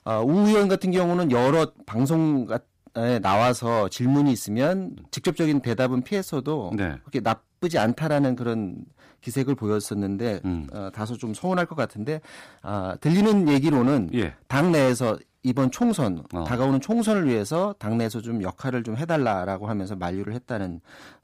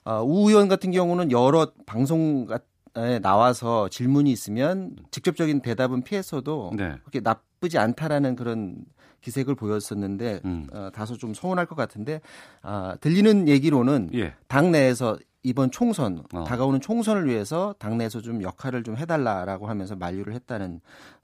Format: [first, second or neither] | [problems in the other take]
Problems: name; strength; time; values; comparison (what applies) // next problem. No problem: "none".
second | distortion; slight; 8% of the sound clipped